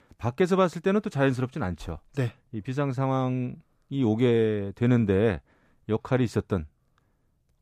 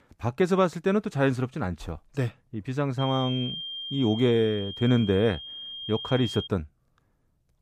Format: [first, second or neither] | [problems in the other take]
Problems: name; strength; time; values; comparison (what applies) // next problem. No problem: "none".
first | high-pitched whine; loud; from 3 to 6.5 s; 3 kHz, 8 dB below the speech